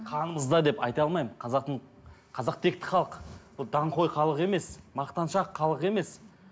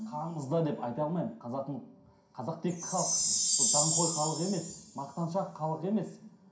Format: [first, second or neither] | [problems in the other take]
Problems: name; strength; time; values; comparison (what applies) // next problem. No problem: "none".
first | background sound (Chime); as loud as the speech // room echo; dies away in 0.5 s